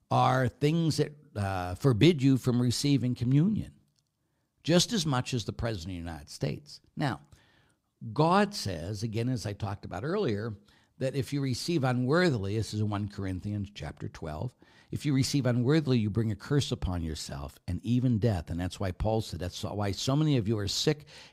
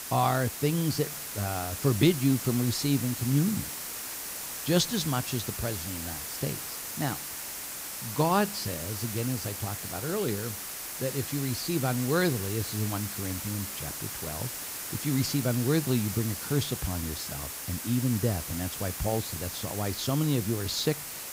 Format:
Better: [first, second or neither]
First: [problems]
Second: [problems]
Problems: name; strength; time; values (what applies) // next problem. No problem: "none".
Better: first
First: none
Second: hiss; loud; throughout; 5 dB below the speech